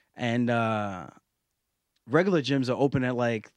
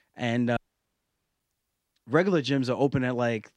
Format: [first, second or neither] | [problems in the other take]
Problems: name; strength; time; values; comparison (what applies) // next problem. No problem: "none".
first | audio cutting out; at 0.5 s for 1 s